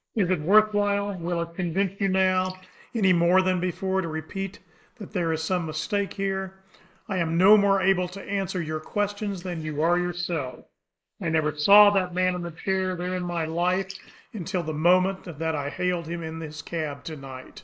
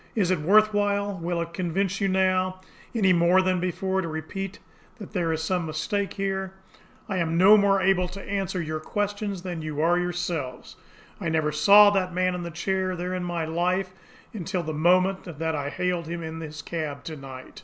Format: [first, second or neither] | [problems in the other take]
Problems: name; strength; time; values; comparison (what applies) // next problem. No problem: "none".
second | noise reduction (neural mask model Resemble Enhance denoiser)